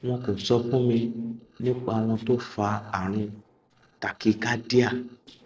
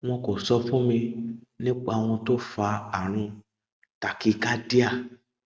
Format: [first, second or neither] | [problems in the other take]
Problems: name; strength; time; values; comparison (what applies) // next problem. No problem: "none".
second | noise reduction (neural separator model SepFormer DNS4)